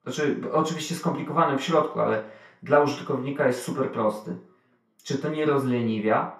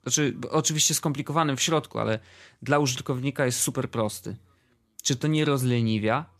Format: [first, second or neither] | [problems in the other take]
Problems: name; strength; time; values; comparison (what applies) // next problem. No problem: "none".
second | room echo; slight; dies away in 0.4 s // off-mic speech; far